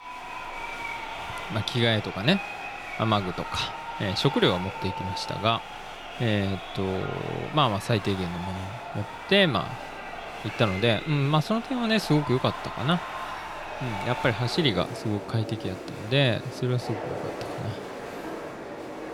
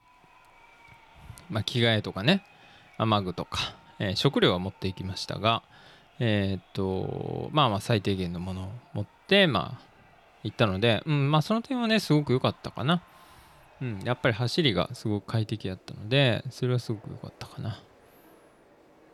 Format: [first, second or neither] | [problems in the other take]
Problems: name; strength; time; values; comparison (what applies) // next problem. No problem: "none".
second | crowd noise; loud; throughout; 9 dB below the speech; faint in the second